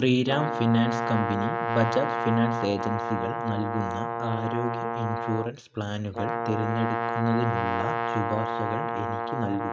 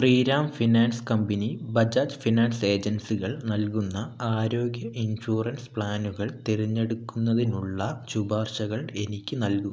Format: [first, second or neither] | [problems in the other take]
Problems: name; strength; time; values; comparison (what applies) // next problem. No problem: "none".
second | noise reduction (neural mask model RNNoise)